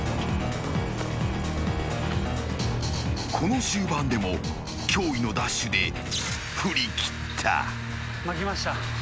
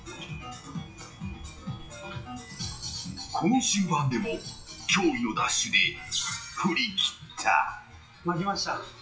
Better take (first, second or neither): first